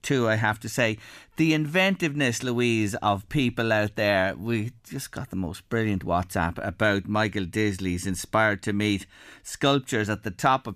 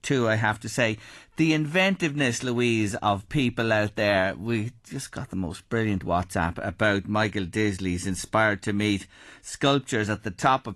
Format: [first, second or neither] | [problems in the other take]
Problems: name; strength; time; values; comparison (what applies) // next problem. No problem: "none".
first | garbled, watery; slightly; nothing above 11.5 kHz